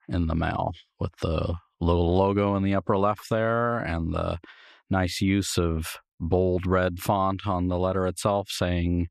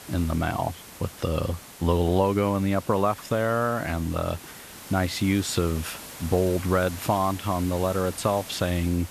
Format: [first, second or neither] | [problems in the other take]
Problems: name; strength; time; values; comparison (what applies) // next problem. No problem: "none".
first | hiss; noticeable; throughout; 15 dB below the speech